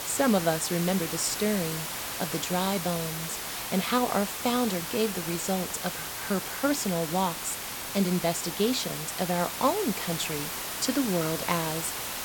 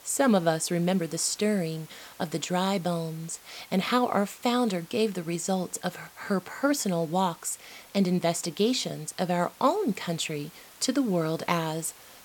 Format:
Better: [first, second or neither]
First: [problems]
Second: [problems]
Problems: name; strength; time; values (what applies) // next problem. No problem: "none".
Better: second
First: hiss; loud; throughout; 4 dB below the speech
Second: hiss; faint; throughout; 20 dB below the speech